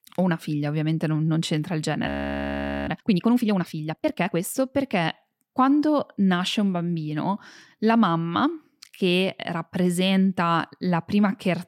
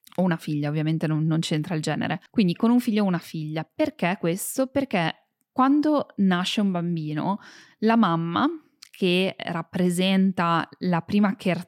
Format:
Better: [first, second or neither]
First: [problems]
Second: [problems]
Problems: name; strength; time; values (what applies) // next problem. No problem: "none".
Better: second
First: audio freezing; at 2 s for 1 s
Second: none